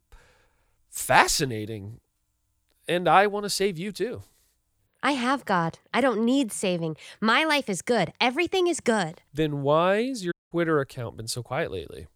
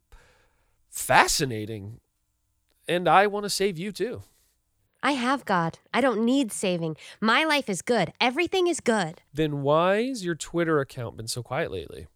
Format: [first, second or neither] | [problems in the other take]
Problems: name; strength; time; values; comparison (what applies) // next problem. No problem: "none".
second | audio cutting out; at 10 s